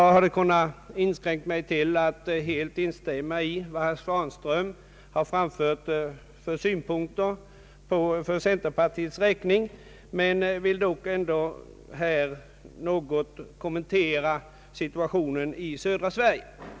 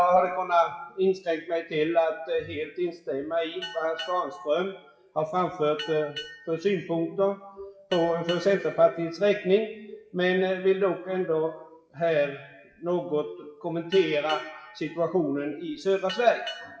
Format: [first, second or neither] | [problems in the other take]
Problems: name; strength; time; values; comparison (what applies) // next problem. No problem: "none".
first | noise reduction (classical method WPE with log-MMSE)